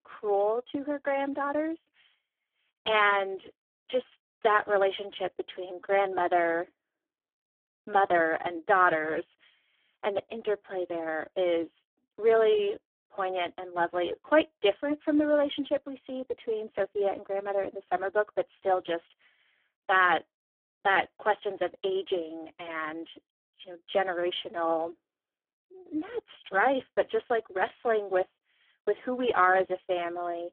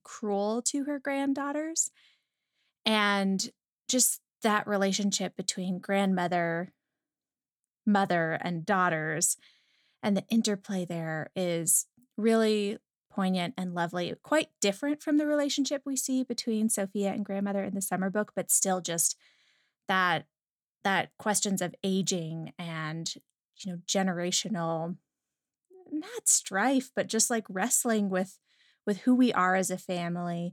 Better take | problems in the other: second | phone-call audio; poor line; nothing above 3.5 kHz

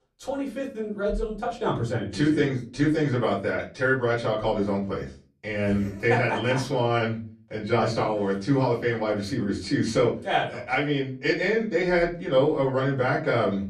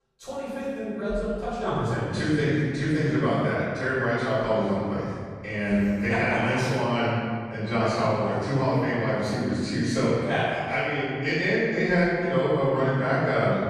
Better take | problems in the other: first | room echo; strong; dies away in 1.8 s; slight in the first // off-mic speech; far; far in the first

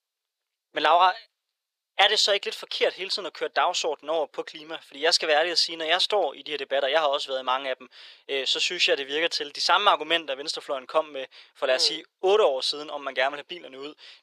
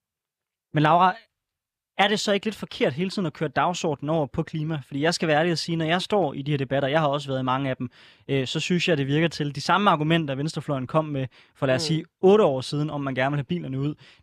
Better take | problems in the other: second | thin; very; fading below 450 Hz

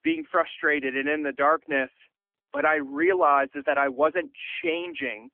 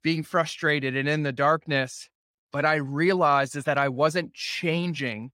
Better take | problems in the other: second | phone-call audio

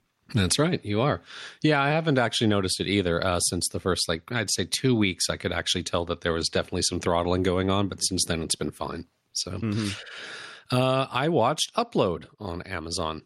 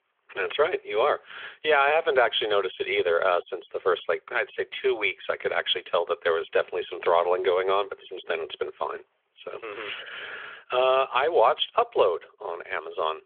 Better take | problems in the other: first | phone-call audio; nothing above 3.5 kHz

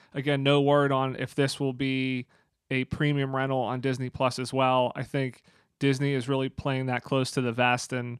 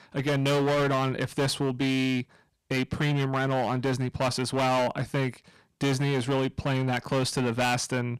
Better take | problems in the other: first | distortion; heavy; 20% of the sound clipped

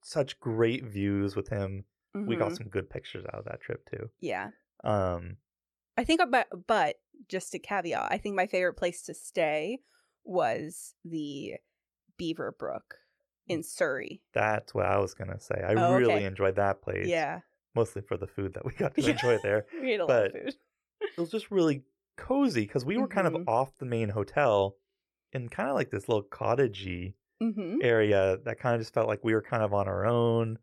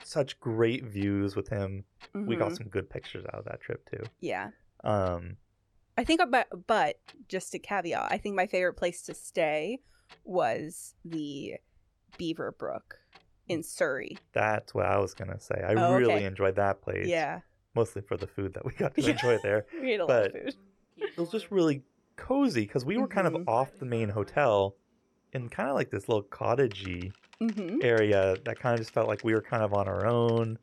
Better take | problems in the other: first | household noises; faint; throughout; 25 dB below the speech

